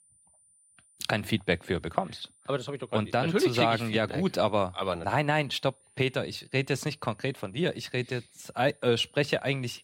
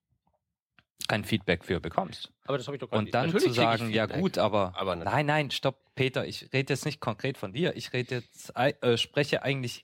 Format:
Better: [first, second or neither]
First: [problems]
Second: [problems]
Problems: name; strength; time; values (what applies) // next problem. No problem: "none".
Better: second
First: high-pitched whine; faint; throughout; 9 kHz, 30 dB below the speech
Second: none